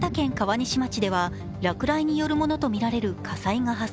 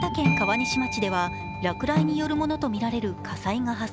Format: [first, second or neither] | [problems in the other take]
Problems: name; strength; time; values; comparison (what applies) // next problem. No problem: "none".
first | background sound (Snare drum + Bell / Doorbell); 4 dB below the speech